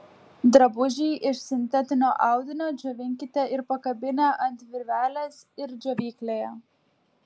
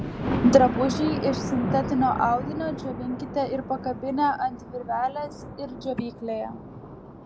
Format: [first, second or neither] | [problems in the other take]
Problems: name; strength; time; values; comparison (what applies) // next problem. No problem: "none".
first | background sound (Thunder); 5 dB below the speech